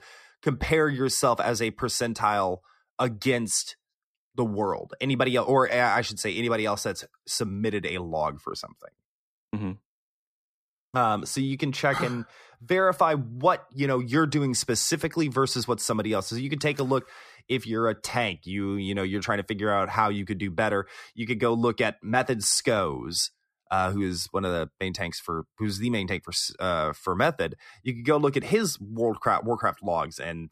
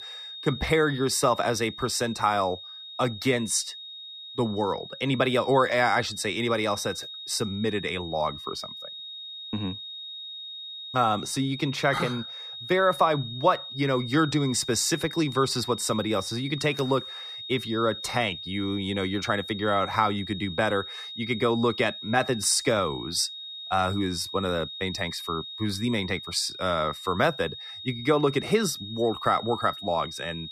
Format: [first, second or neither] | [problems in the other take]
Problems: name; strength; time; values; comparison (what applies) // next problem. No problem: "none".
first | high-pitched whine; noticeable; throughout; 3.5 kHz, 10 dB below the speech